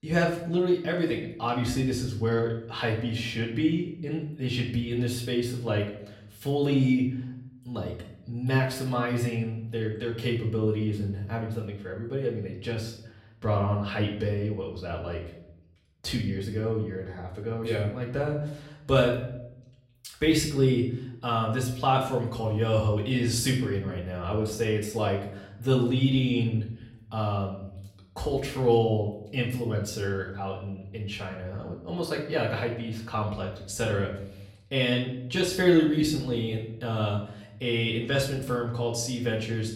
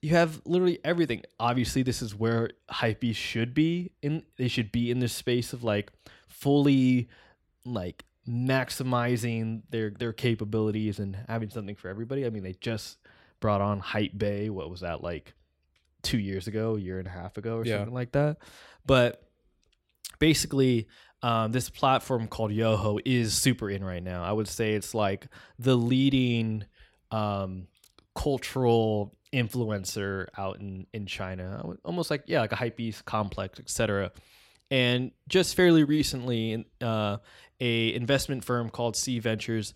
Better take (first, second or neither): second